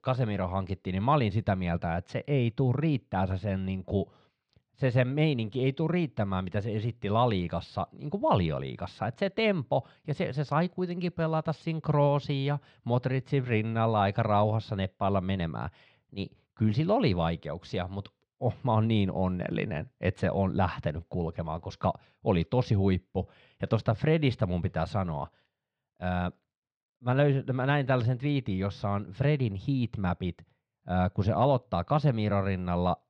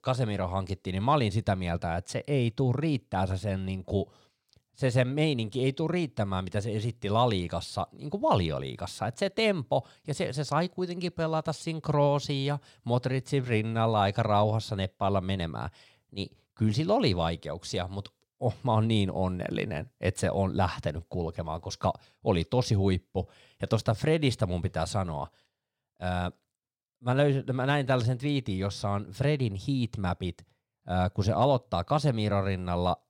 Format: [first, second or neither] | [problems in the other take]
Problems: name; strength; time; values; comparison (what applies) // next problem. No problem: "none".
second | muffled; slightly; fading above 2.5 kHz